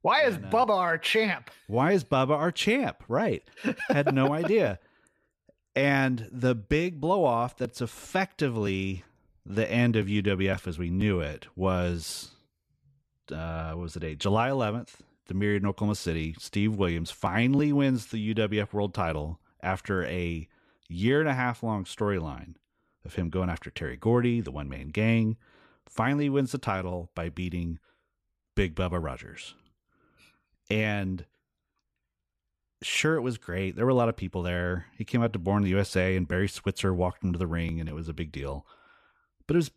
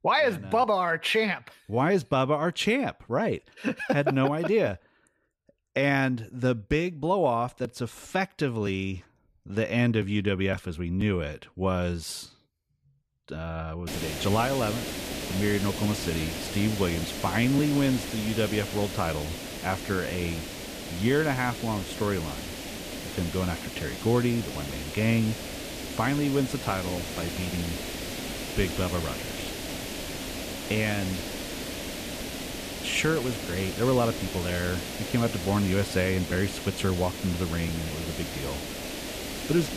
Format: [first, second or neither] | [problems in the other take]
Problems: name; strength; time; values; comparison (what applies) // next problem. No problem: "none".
first | hiss; loud; from 14 s on; 6 dB below the speech